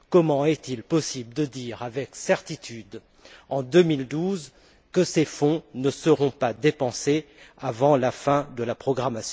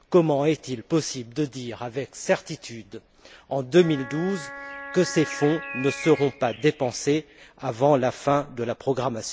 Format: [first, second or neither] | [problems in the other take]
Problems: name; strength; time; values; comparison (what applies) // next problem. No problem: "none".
first | background sound (Wind instrument, woodwind instrument + Bird); 13 dB below the speech